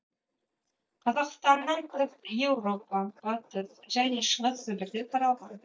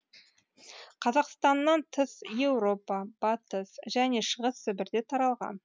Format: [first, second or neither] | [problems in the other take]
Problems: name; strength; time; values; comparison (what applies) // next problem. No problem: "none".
second | noise reduction (neural mask model DeepFilterNet 3)